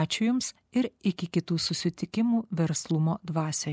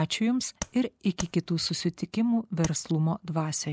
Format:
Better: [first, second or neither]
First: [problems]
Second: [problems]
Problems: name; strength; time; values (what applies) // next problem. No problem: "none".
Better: first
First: none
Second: background sound (Tap); 10 dB below the speech